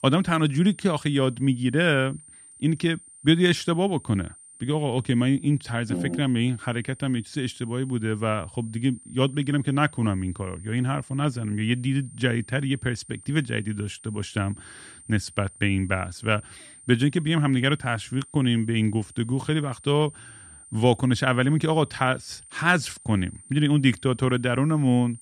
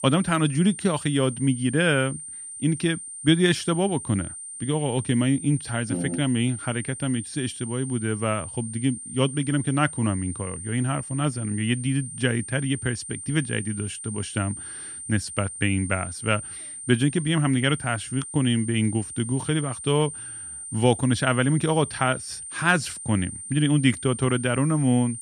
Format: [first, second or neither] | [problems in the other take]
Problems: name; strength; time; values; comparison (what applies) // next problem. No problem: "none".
first | high-pitched whine; loud; throughout; 9 kHz, 10 dB below the speech; faint in the first